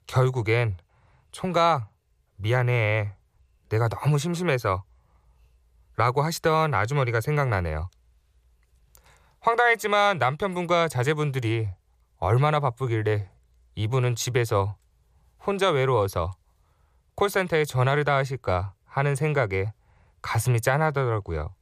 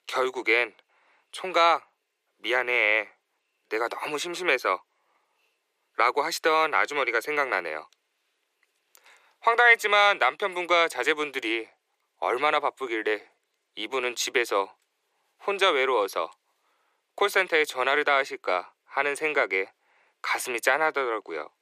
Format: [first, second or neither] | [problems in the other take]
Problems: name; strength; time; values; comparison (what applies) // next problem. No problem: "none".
first | thin; very; fading below 250 Hz